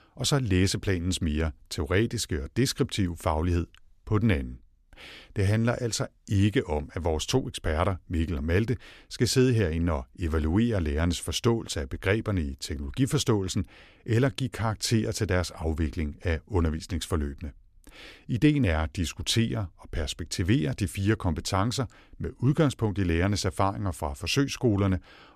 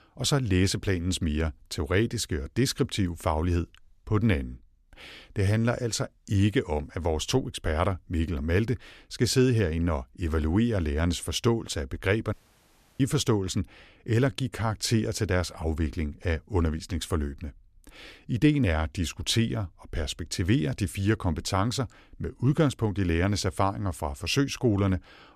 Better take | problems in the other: first | audio cutting out; at 12 s for 0.5 s

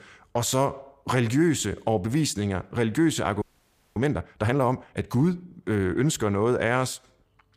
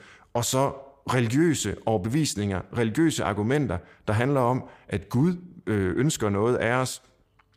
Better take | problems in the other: second | audio freezing; at 3.5 s for 0.5 s

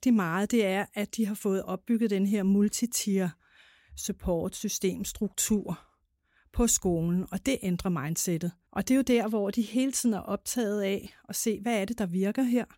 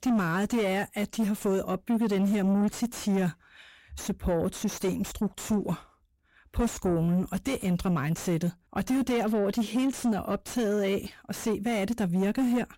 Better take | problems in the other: first | distortion; heavy; 7 dB below the speech

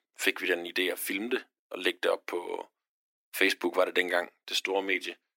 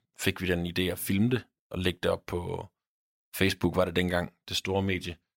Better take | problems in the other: second | thin; somewhat; fading below 300 Hz

